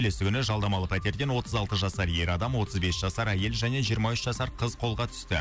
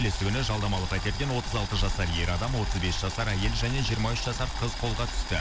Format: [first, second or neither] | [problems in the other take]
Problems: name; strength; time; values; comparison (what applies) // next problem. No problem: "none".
first | background sound (Boiling); 2 dB below the speech